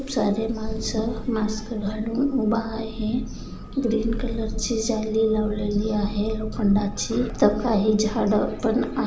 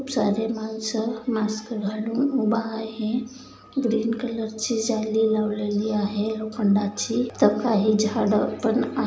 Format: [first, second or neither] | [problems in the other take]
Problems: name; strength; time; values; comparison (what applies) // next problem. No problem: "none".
second | background sound (Thunder); 8 dB below the speech